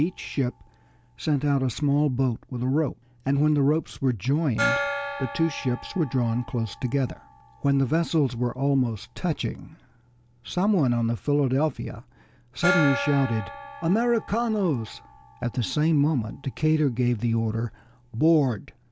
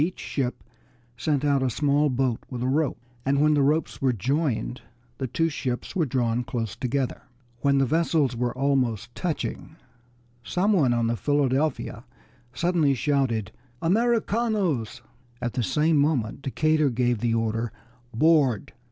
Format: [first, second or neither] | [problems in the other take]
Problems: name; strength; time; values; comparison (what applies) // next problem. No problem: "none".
second | background sound (Gong); 12 dB below the speech